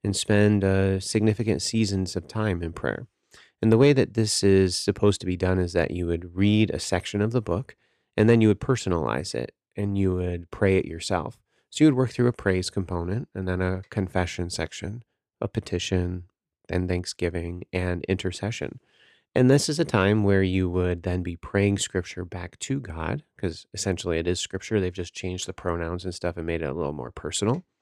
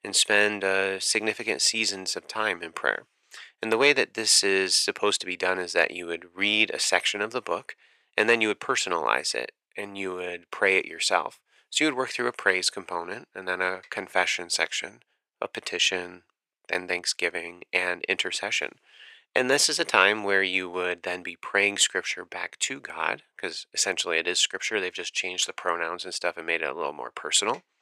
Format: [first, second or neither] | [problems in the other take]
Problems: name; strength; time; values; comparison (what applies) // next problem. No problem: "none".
first | thin; very; fading below 750 Hz